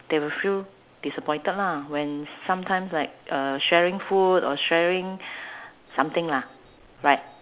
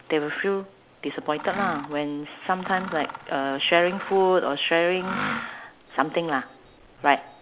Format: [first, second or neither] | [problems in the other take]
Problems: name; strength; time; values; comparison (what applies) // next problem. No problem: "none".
first | background sound (Mechanisms); 13 dB below the speech